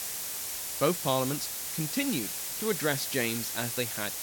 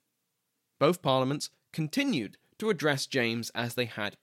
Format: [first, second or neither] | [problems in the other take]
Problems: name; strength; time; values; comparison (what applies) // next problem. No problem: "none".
second | hiss; loud; throughout; 1 dB below the speech